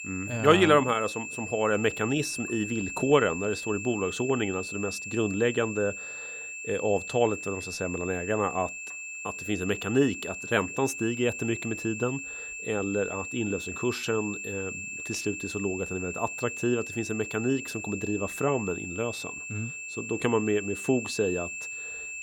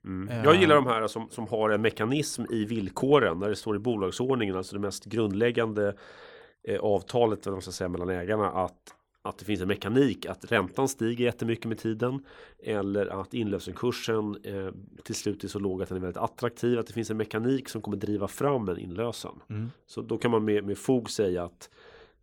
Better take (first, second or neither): second